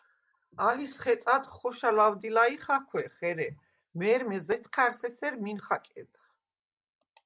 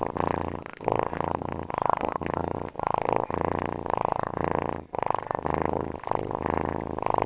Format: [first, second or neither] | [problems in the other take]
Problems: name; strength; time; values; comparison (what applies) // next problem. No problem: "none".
first | noise reduction (neural separator model SepFormer WHAMR!)